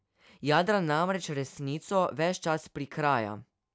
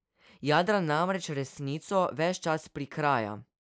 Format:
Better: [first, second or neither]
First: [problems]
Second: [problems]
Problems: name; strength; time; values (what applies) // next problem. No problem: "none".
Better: first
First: none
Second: noise reduction (neural mask model Resemble Enhance denoiser)